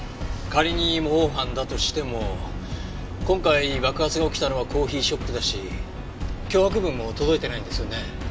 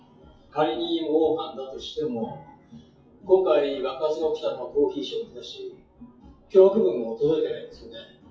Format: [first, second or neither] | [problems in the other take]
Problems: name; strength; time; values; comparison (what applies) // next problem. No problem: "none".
first | noise reduction (classical method WPE with log-MMSE)